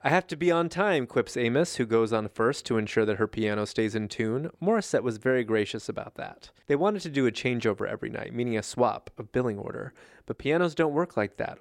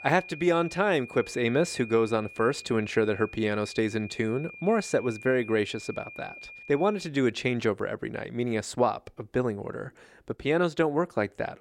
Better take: first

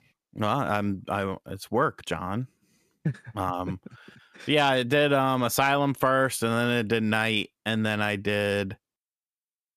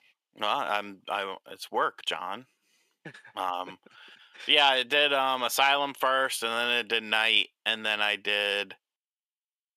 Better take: first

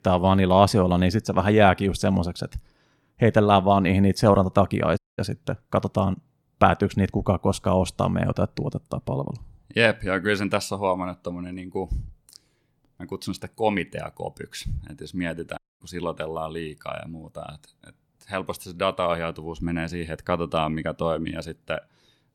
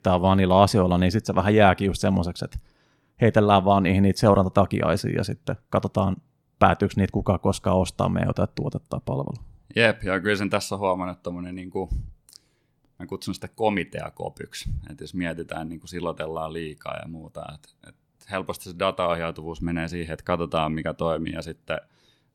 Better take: second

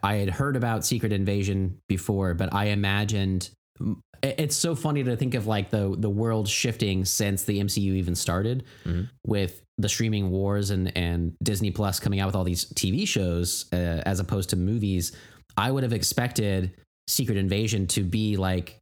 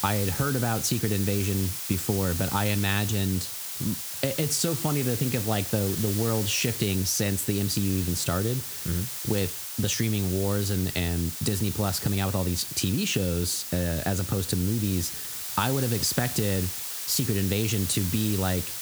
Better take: first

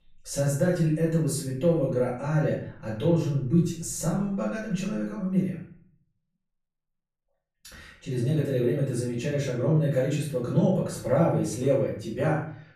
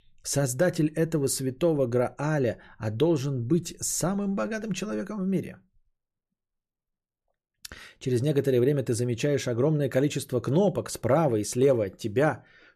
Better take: second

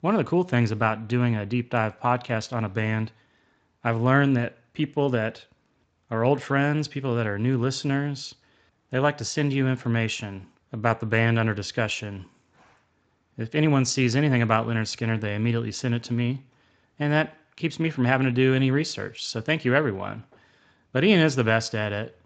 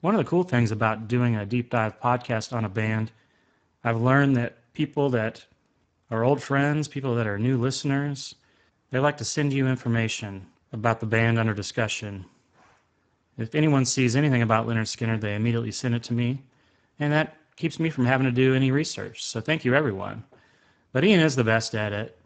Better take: first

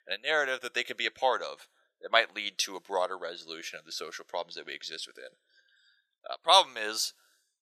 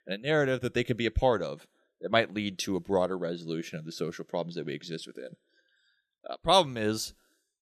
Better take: second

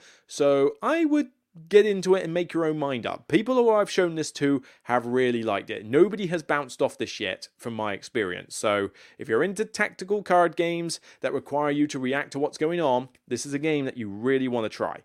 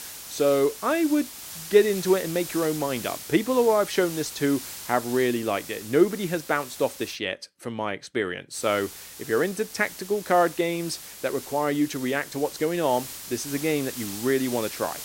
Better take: first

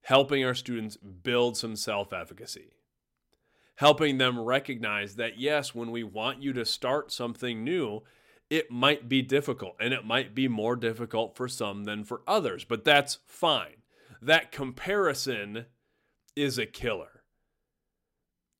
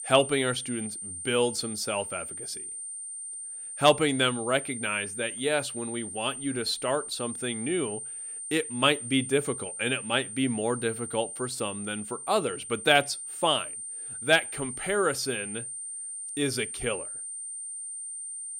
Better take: first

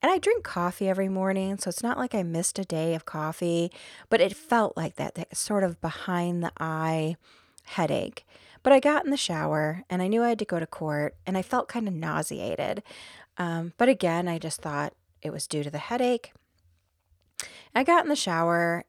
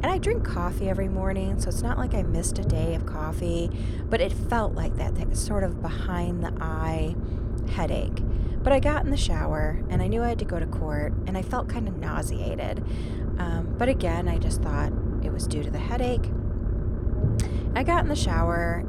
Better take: first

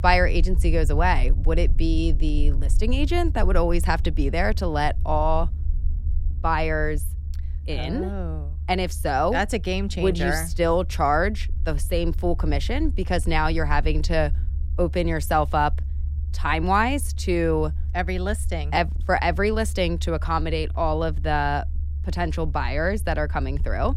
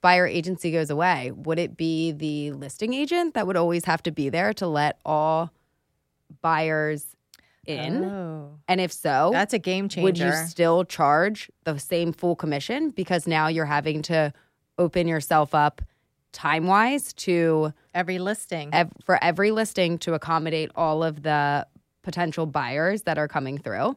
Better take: second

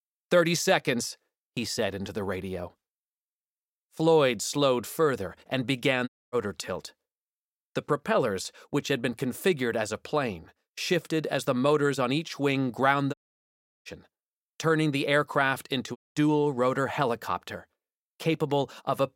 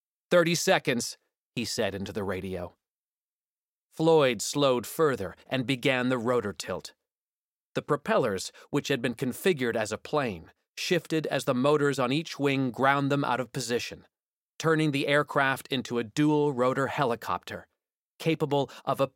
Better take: second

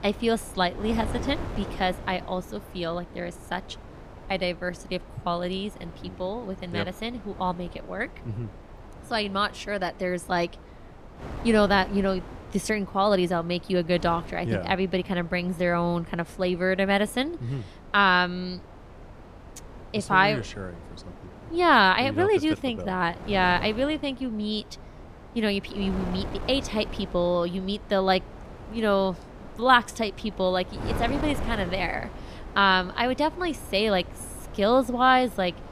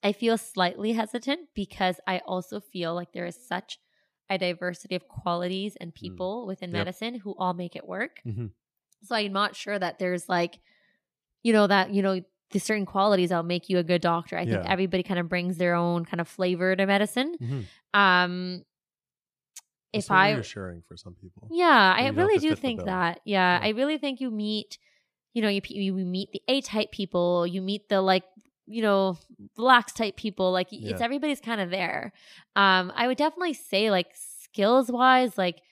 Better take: second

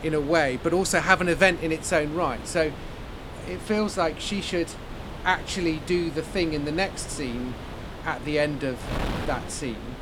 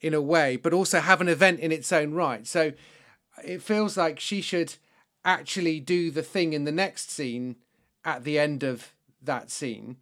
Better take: second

